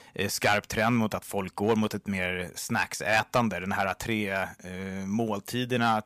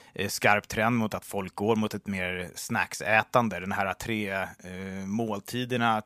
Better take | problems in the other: second | distortion; slight; 1.7% of the sound clipped

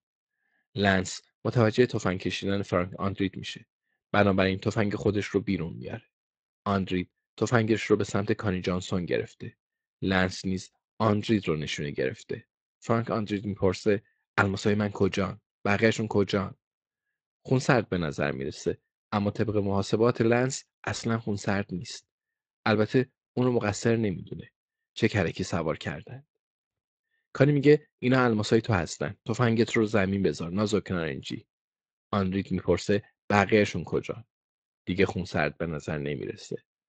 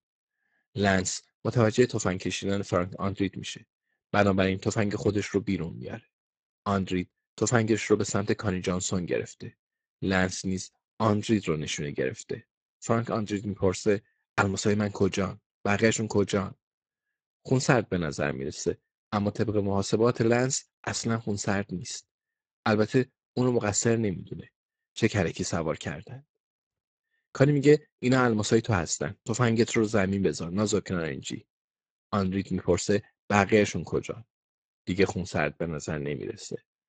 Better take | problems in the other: first | garbled, watery; badly; nothing above 7.5 kHz; slightly in the first

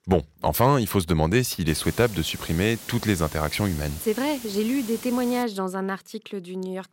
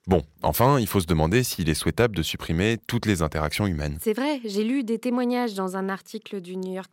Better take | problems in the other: second | hiss; noticeable; from 1.5 to 5.5 s; 15 dB below the speech

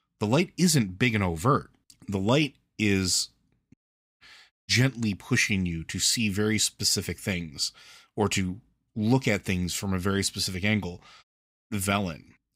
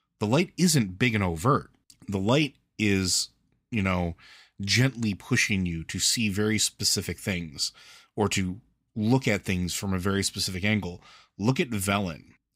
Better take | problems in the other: second | audio cutting out; at 3.5 s, at 4.5 s and at 11 s

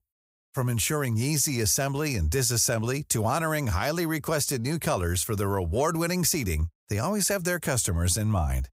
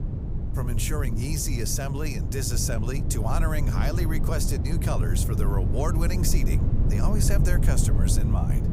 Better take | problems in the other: first | low rumble; loud; throughout; 6 dB below the speech

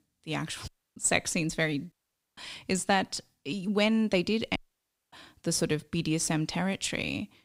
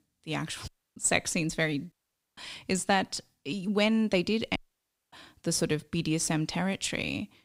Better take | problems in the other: neither | audio cutting out; at 0.5 s, at 2 s and at 4.5 s for 0.5 s; the same in both

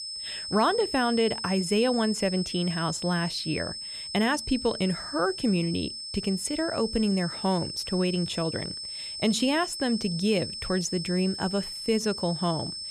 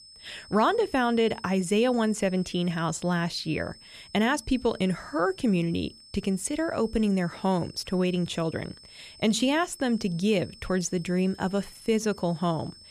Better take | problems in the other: second | high-pitched whine; loud; throughout; 5.5 kHz, 6 dB below the speech; faint in the second

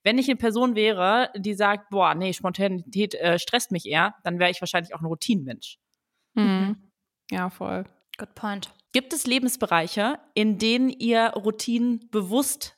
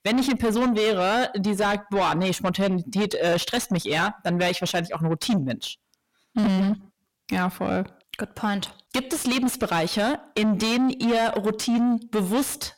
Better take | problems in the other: first | distortion; heavy; 6 dB below the speech

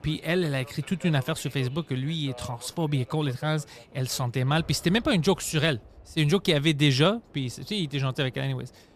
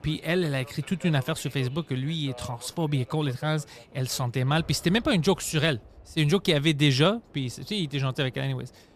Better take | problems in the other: neither | train or aircraft noise; faint; throughout; 20 dB below the speech; the same in both

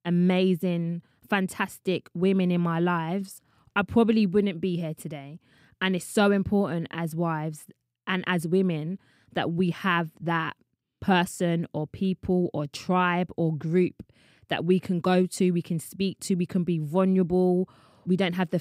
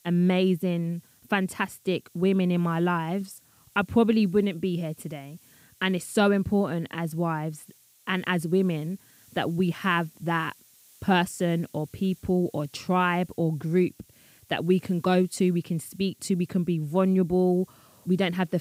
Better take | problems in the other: first | hiss; faint; throughout; 30 dB below the speech

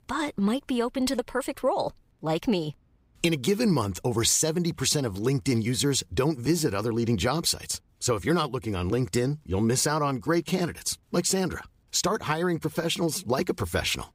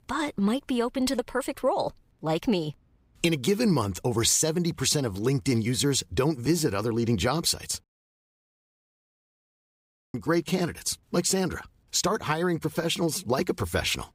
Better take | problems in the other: first | audio cutting out; at 8 s for 2.5 s

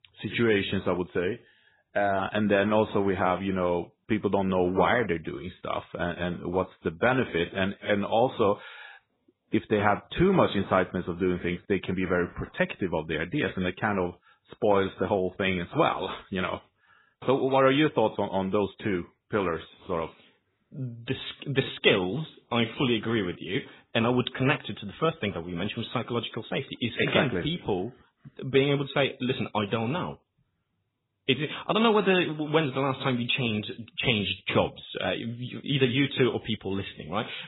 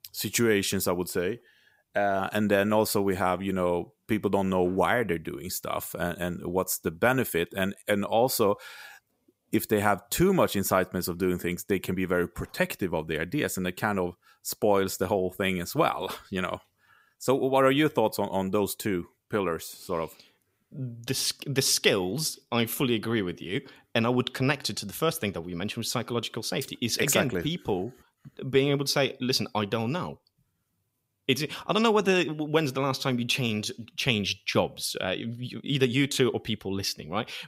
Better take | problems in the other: second | garbled, watery; badly; nothing above 4 kHz

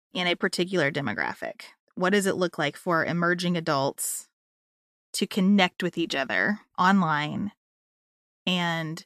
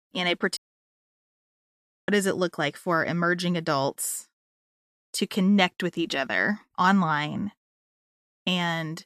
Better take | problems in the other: first | audio cutting out; at 0.5 s for 1.5 s

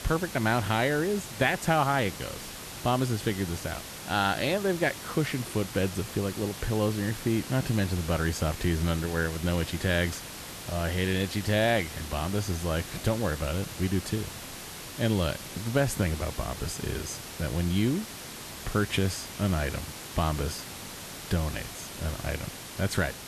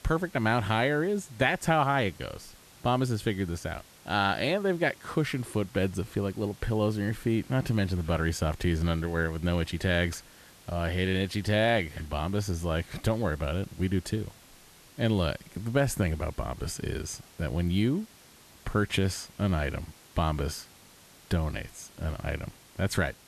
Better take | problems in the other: second | hiss; loud; throughout; 10 dB below the speech; faint in the second

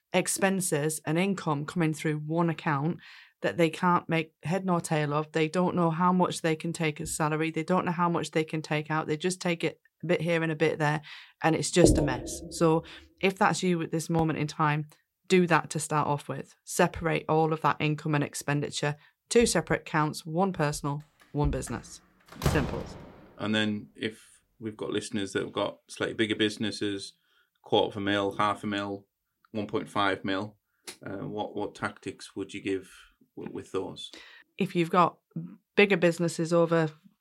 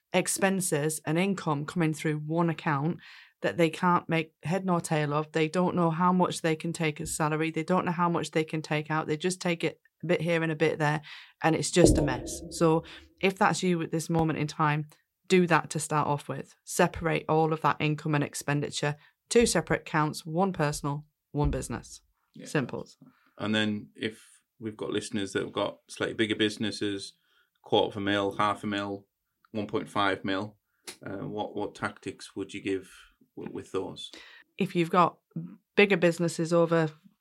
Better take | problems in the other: second | door banging; noticeable; at 22 s; peak 2 dB below the speech

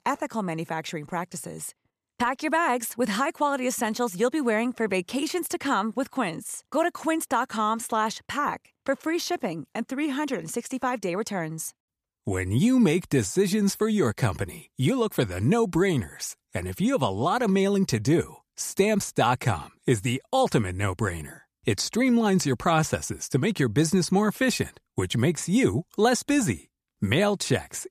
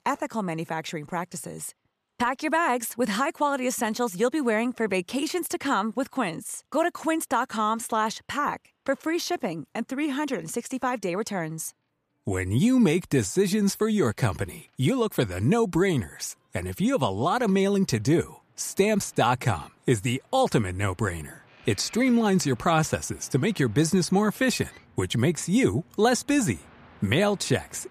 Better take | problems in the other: first | train or aircraft noise; faint; throughout; 30 dB below the speech

